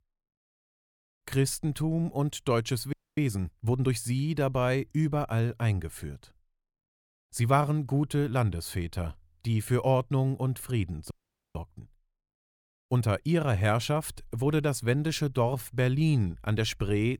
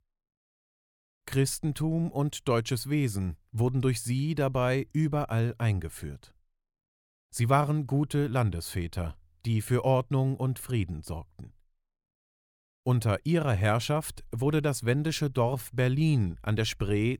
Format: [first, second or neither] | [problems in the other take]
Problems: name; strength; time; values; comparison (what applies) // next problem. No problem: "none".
second | audio freezing; at 3 s and at 11 s